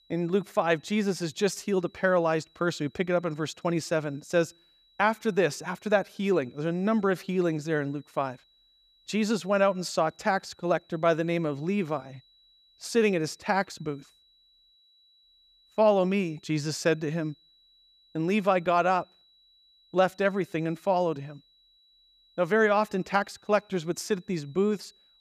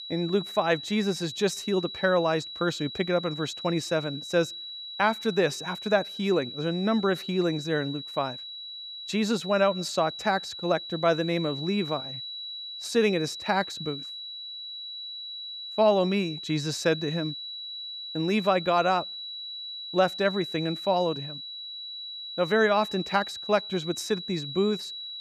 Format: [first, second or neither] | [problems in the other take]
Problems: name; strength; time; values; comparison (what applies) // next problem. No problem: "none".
first | high-pitched whine; loud; throughout; 4 kHz, 9 dB below the speech; faint in the first